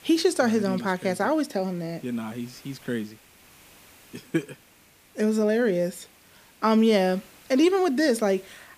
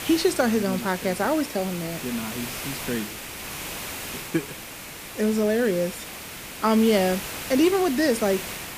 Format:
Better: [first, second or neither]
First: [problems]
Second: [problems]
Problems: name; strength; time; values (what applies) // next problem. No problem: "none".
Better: first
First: hiss; faint; throughout; 25 dB below the speech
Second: hiss; loud; throughout; 9 dB below the speech